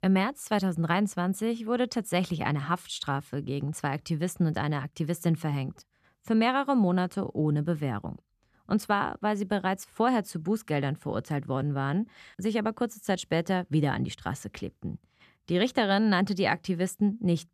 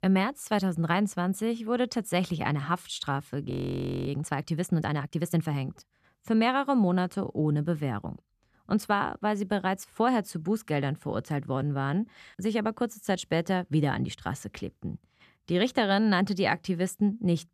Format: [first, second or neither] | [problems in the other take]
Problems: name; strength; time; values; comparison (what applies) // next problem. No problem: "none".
first | audio freezing; at 3.5 s for 0.5 s